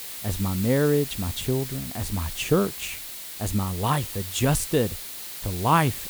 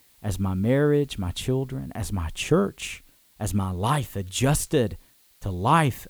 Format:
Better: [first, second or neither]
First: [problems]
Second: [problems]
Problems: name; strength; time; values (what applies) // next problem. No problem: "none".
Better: second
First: hiss; loud; throughout; 7 dB below the speech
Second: hiss; faint; throughout; 30 dB below the speech